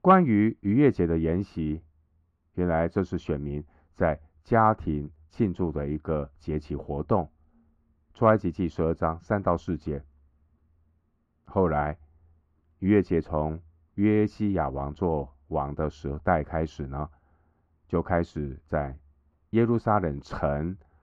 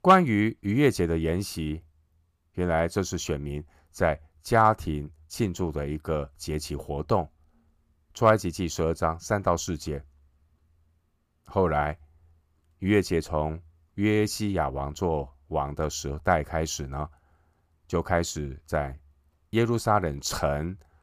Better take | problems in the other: second | muffled; very; fading above 1.5 kHz

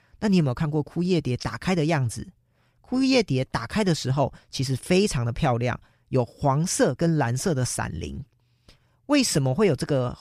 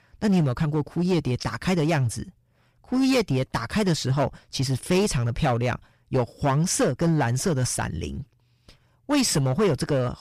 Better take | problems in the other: first | distortion; slight; 8% of the sound clipped

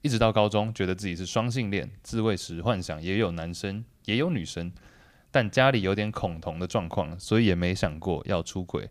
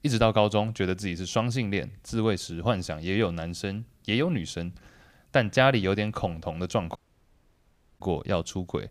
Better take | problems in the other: first | audio cutting out; at 7 s for 1 s

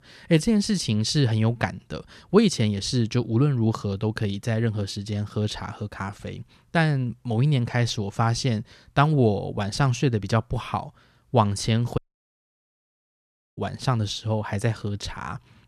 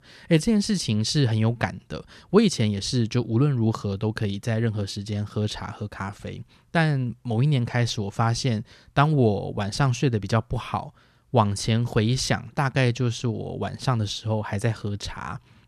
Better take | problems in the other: second | audio cutting out; at 12 s for 1.5 s

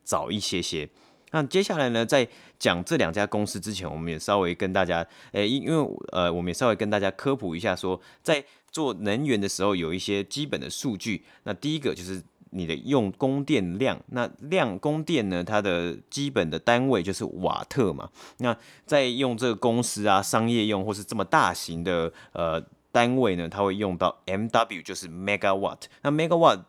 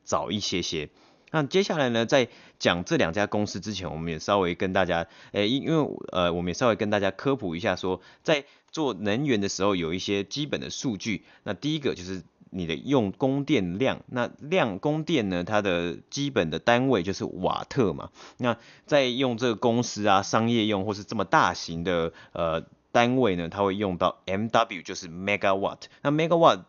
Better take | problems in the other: first | garbled, watery; slightly; nothing above 6.5 kHz

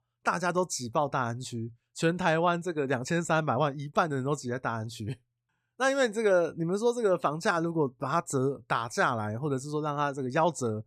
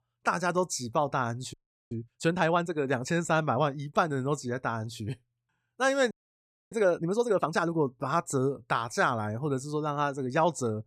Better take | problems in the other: first | audio freezing; at 1.5 s and at 6 s for 0.5 s

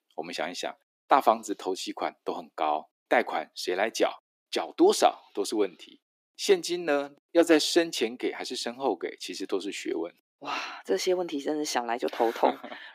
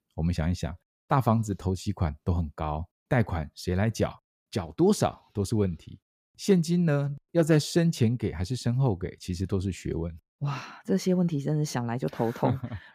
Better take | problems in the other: second | thin; very; fading below 300 Hz

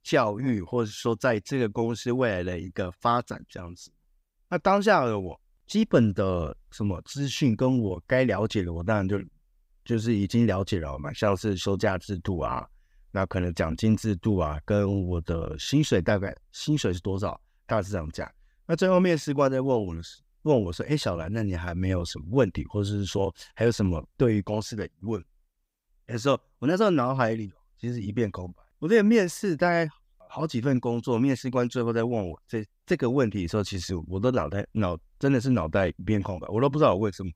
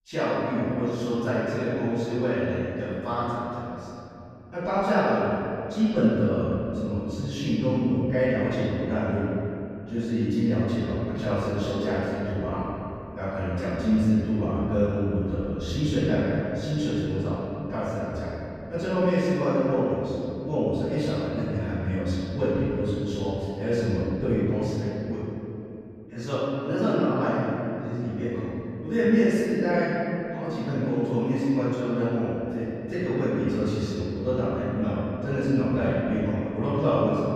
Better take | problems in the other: first | off-mic speech; far // room echo; strong; dies away in 3 s

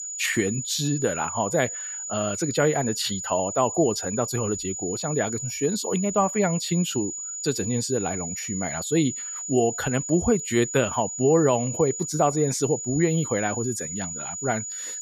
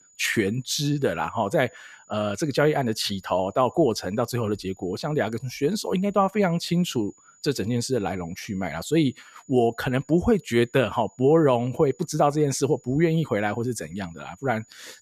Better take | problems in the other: second | high-pitched whine; loud; throughout; 7 kHz, 5 dB below the speech; faint in the second

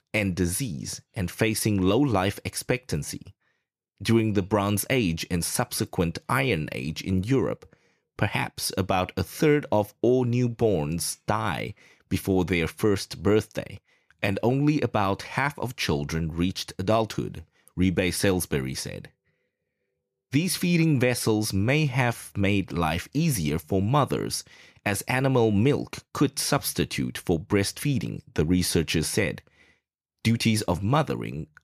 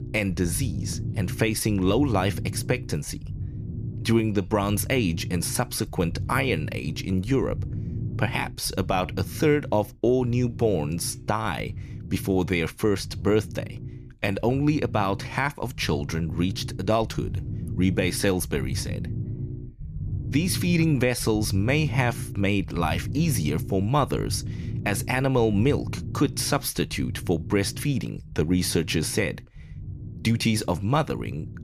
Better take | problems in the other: first | low rumble; noticeable; throughout; 20 dB below the speech

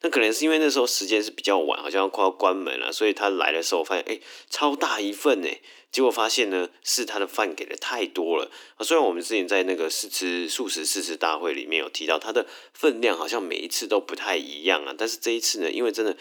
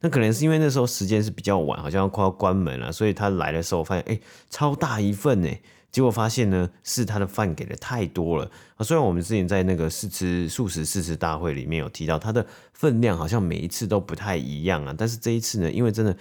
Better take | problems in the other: second | thin; somewhat; fading below 300 Hz

